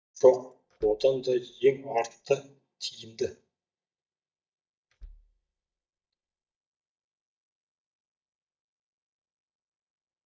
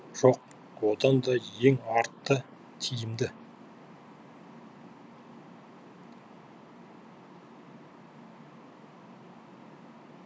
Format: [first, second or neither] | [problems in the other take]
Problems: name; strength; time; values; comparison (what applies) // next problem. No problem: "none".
second | noise reduction (neural mask model DeepFilterNet 3)